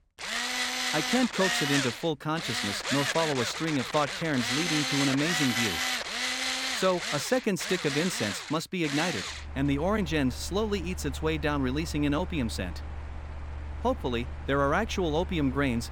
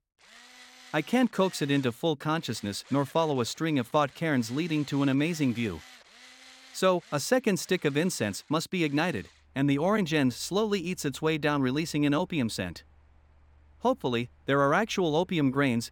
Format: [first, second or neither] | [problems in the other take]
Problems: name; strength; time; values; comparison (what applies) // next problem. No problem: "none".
second | machinery noise; loud; throughout; 2 dB below the speech; faint in the second